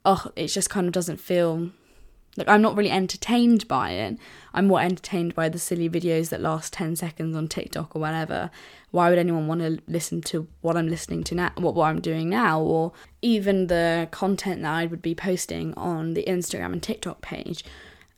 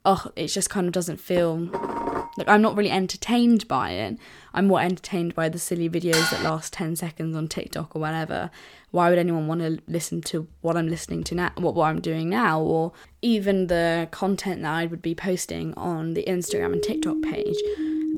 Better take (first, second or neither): first